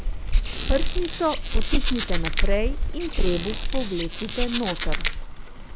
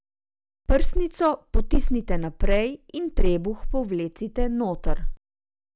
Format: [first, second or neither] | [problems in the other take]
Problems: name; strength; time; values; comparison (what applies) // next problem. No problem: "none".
second | background sound (Rain + Squeak); 3 dB below the speech